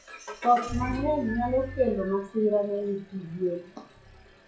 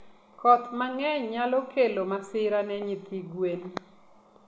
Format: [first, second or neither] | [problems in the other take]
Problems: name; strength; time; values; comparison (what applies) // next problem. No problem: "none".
second | noise reduction (classical method WPE with log-MMSE)